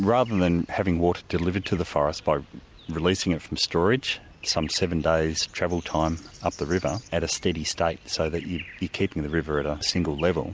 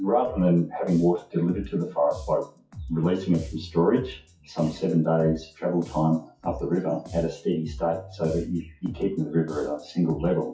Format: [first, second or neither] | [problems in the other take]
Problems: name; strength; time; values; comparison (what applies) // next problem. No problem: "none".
first | noise reduction (classical method WPE with log-MMSE)